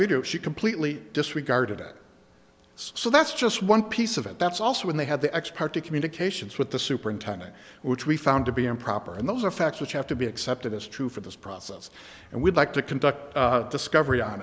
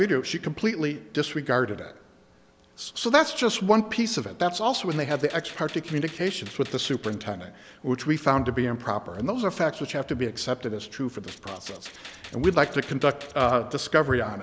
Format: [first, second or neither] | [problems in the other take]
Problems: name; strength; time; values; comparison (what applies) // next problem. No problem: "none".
first | background sound (Gunshot, gunfire); 20 dB below the speech